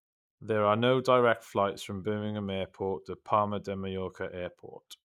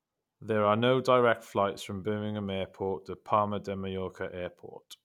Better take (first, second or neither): second